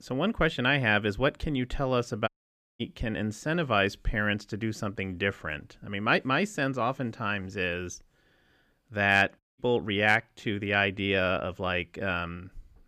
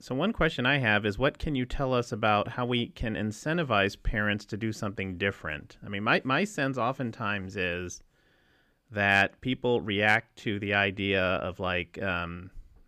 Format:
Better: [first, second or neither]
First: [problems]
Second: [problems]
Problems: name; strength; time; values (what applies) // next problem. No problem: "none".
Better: second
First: audio cutting out; at 2.5 s for 0.5 s and at 9.5 s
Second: none